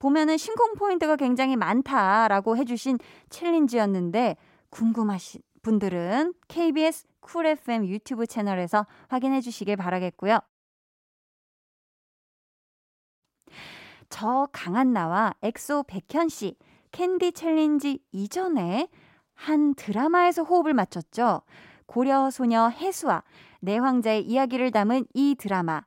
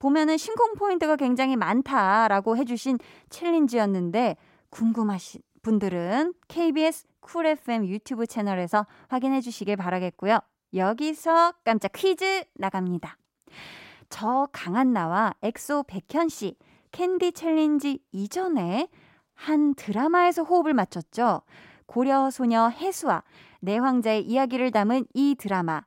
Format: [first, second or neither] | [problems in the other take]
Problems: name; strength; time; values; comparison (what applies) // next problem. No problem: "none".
second | audio cutting out; at 11 s for 2.5 s